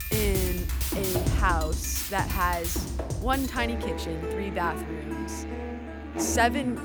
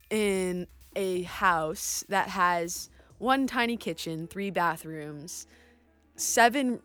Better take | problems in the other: second | background music; loud; throughout; 1 dB below the speech; faint in the second

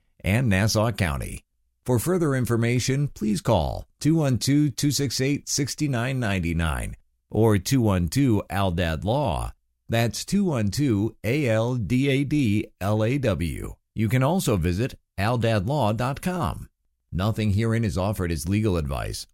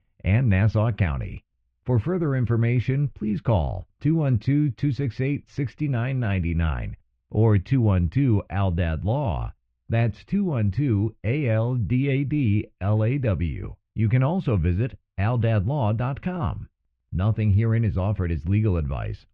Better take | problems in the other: first | muffled; very; fading above 2.5 kHz

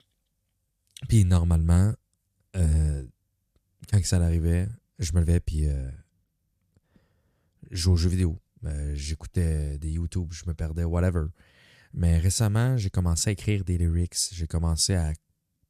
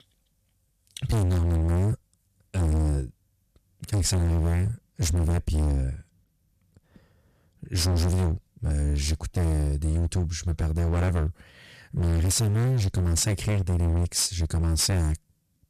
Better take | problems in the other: first | distortion; heavy; 28% of the sound clipped

